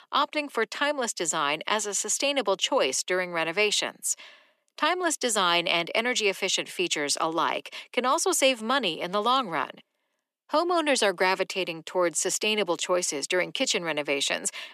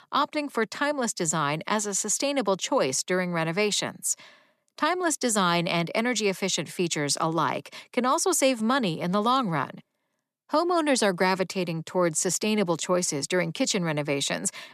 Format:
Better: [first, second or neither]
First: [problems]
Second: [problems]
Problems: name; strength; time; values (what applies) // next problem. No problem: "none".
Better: second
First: thin; somewhat; fading below 350 Hz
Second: none